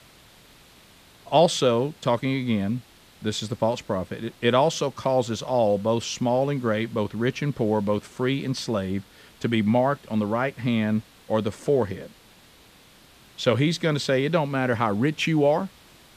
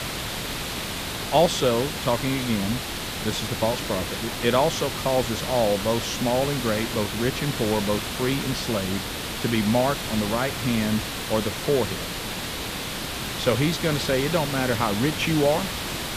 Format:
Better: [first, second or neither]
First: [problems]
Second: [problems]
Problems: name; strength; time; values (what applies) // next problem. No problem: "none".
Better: first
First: hiss; faint; throughout; 25 dB below the speech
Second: hiss; loud; throughout; 4 dB below the speech